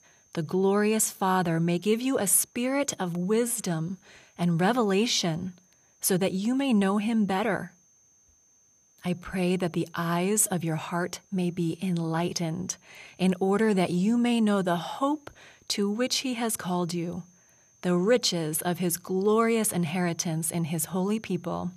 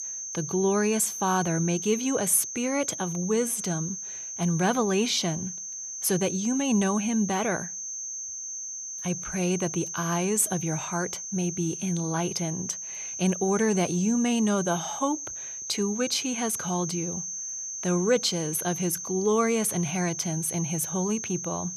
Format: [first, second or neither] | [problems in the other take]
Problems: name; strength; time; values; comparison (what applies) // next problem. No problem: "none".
first | high-pitched whine; loud; throughout; 6.5 kHz, 6 dB below the speech; faint in the first